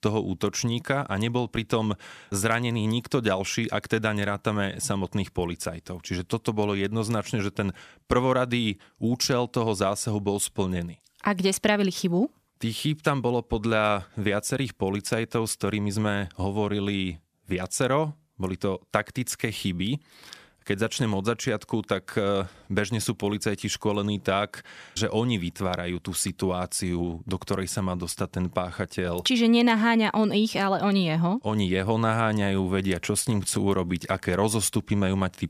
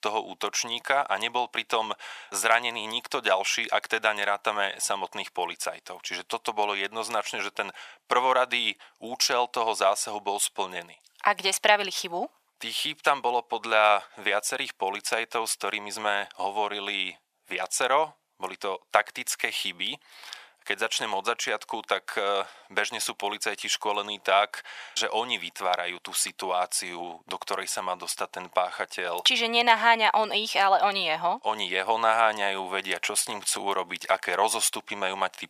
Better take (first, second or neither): first